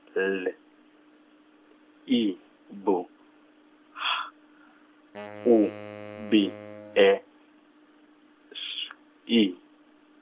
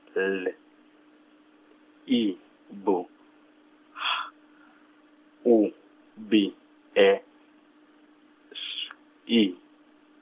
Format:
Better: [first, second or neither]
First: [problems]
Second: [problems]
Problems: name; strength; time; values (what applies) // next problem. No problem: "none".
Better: second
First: background sound (Wind instrument, woodwind instrument); 15 dB below the speech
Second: none